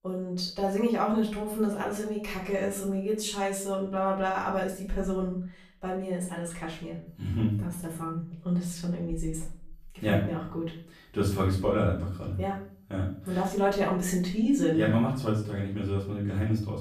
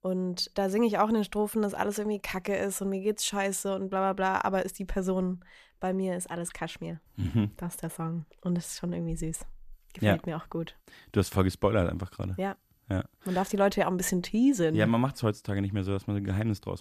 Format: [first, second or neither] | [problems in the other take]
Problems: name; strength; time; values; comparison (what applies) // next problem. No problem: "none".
second | room echo; slight; dies away in 0.4 s // off-mic speech; far